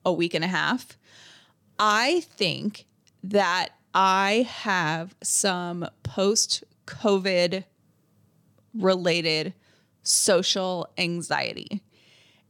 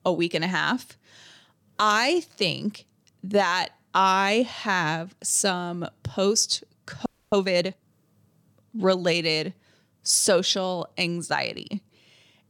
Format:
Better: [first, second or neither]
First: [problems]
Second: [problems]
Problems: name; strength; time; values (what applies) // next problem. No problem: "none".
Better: first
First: none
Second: audio freezing; at 7 s